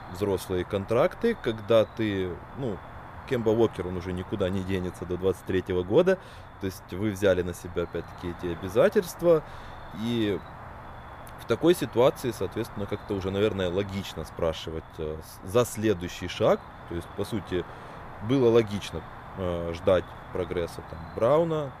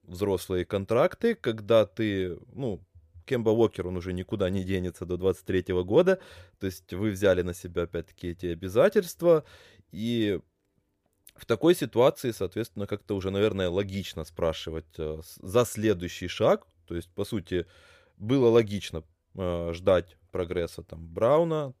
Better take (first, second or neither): second